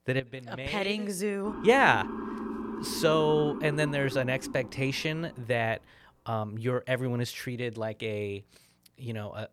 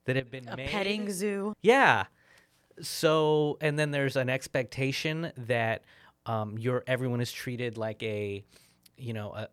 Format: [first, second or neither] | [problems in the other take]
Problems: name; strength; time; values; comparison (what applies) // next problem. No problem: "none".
second | siren; noticeable; from 1.5 to 5.5 s; peak 7 dB below the speech